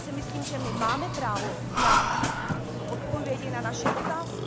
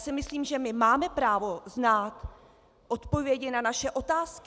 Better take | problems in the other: second | background sound (Breathing + Burping, eructation); 4 dB above the speech

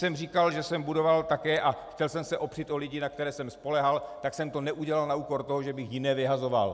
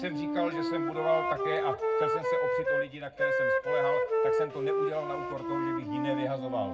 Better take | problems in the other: first | background sound (Wind instrument, woodwind instrument); 5 dB above the speech // room echo; dies away in 0.3 s

